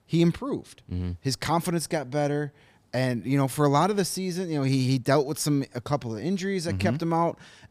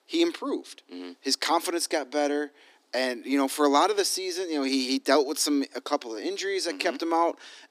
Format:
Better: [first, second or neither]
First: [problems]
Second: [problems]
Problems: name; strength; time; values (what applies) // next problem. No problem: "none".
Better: first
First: none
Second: thin; very slightly; fading below 250 Hz